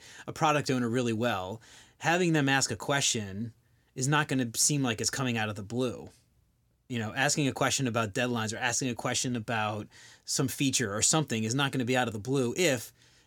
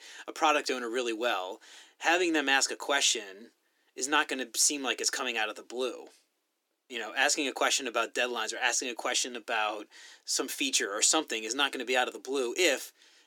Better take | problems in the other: first | thin; somewhat; fading below 300 Hz

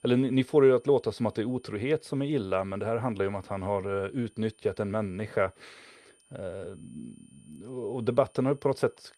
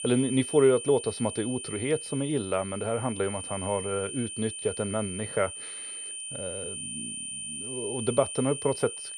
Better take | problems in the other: first | high-pitched whine; loud; throughout; 9 kHz, 7 dB below the speech; faint in the first

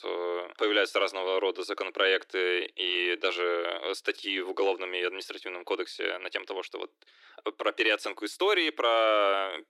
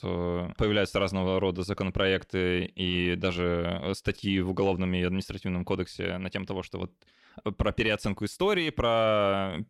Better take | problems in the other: second | thin; very; fading below 300 Hz

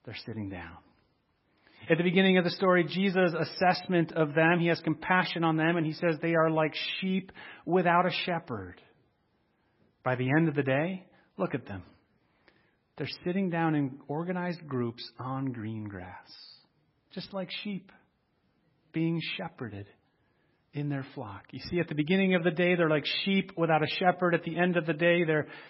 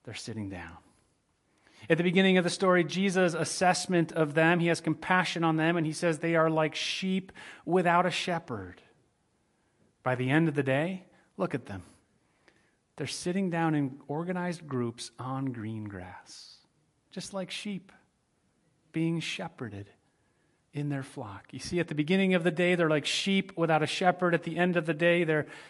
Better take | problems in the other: second | garbled, watery; badly; nothing above 5.5 kHz; slightly in the second

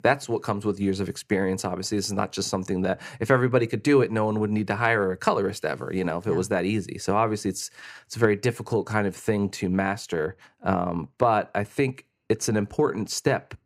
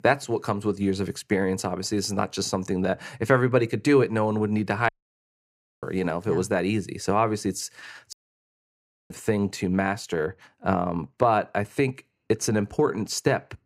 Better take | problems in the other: first | audio cutting out; at 5 s for 1 s and at 8 s for 1 s

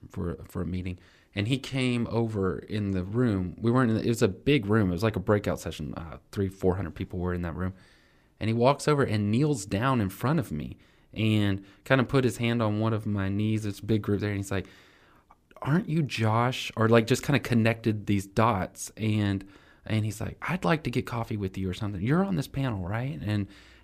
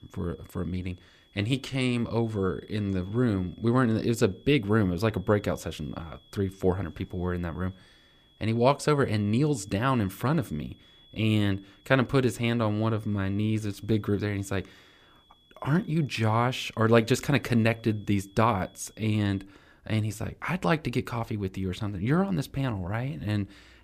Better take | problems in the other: first | high-pitched whine; faint; until 19 s; 3.5 kHz, 30 dB below the speech

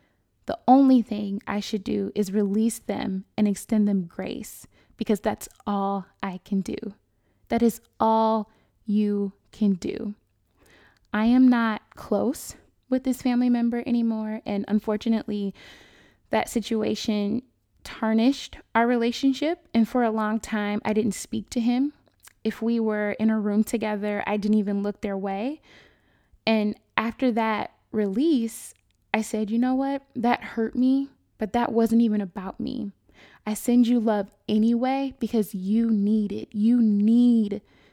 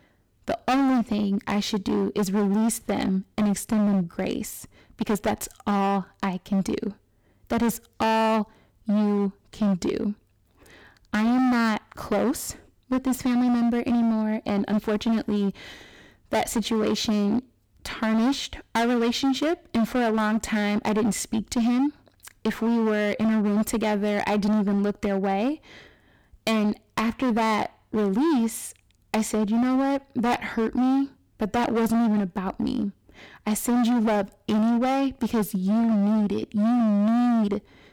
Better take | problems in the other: first | distortion; heavy; 21% of the sound clipped

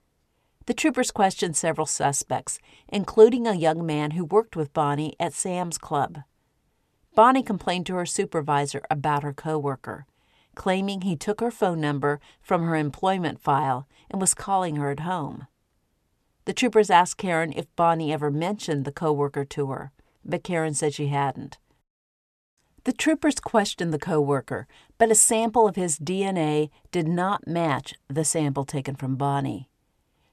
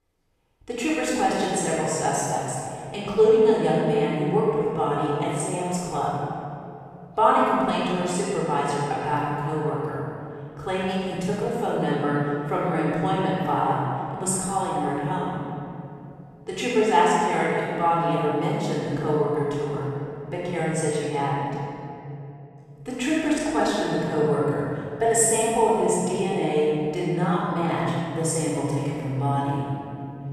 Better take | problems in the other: first | off-mic speech; far // room echo; strong; dies away in 2.6 s

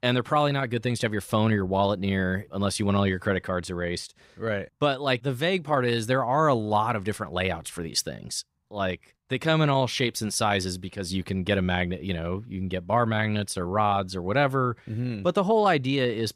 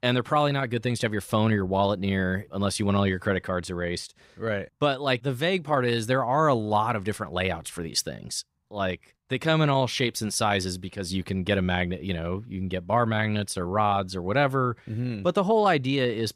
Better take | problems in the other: neither | none

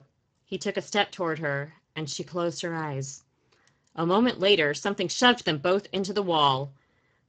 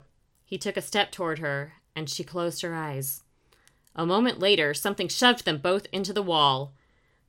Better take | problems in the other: second | garbled, watery; badly; nothing above 7.5 kHz

